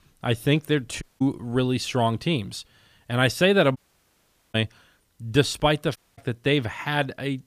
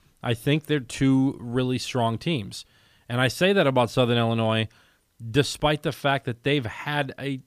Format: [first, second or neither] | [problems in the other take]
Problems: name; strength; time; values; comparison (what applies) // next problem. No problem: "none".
second | audio cutting out; at 1 s, at 4 s for 1 s and at 6 s